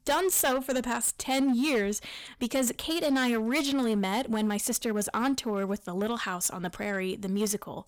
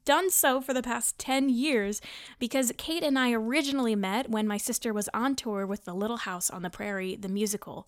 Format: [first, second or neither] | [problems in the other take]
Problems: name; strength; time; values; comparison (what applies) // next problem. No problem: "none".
second | distortion; slight; 8% of the sound clipped